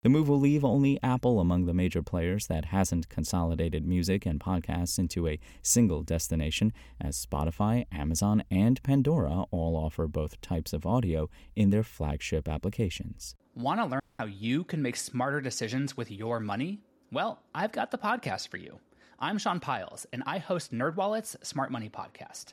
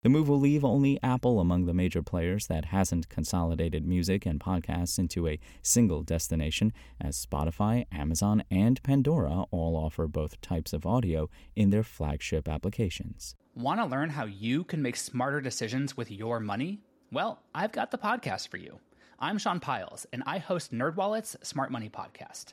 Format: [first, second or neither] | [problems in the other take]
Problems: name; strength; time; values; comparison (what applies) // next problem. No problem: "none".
second | audio cutting out; at 14 s